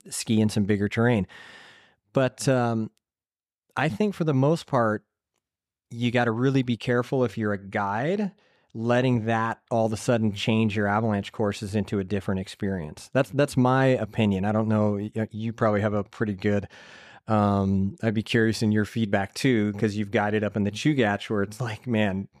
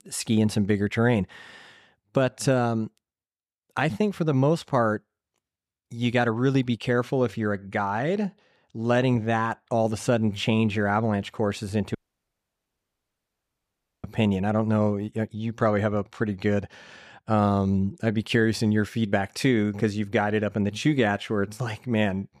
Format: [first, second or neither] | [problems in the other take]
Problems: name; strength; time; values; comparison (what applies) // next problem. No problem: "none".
first | audio cutting out; at 12 s for 2 s